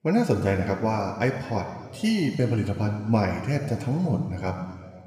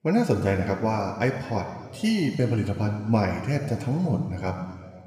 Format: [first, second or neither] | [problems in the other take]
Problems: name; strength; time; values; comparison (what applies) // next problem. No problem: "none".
neither | room echo; noticeable; dies away in 1.9 s; the same in both // off-mic speech; somewhat distant; the same in both